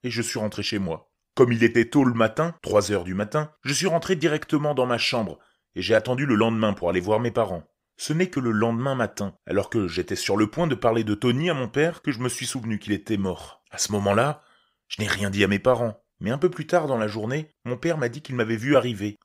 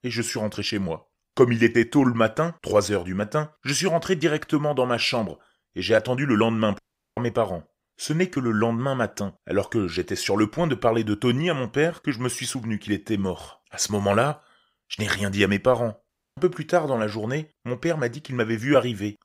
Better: first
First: none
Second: audio cutting out; at 7 s and at 16 s

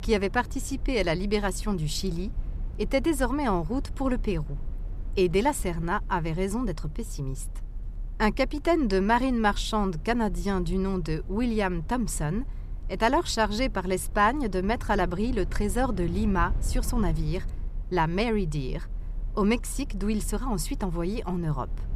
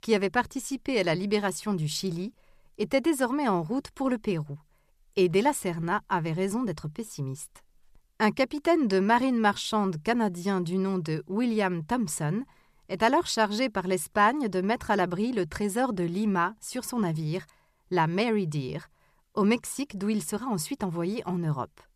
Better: second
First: low rumble; faint; throughout; 25 dB below the speech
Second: none

